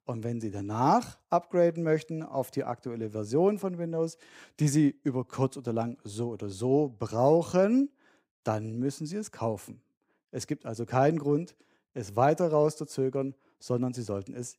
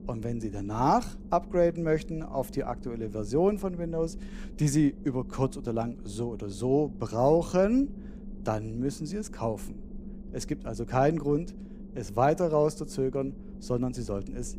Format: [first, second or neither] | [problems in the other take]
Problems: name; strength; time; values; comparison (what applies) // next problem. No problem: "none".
first | low rumble; faint; throughout; 20 dB below the speech